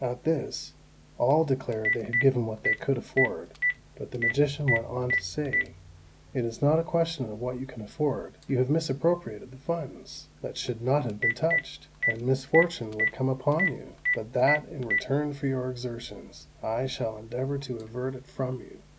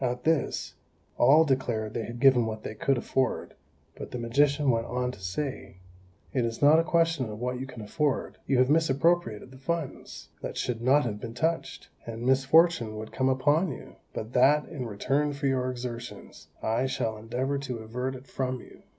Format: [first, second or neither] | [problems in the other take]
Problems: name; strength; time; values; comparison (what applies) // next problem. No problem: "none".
second | background sound (Telephone); 5 dB below the speech